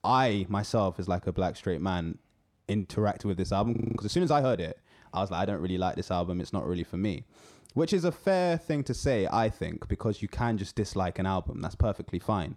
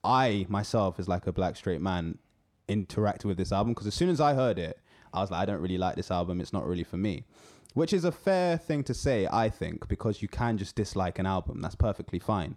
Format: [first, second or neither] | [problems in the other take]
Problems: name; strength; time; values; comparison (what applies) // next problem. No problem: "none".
second | audio freezing; at 4 s